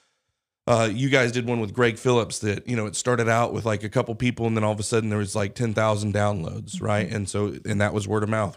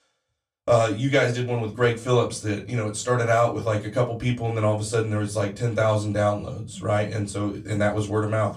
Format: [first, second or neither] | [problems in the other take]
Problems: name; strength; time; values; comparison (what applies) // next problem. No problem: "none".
first | off-mic speech; far // room echo; very slight; dies away in 0.2 s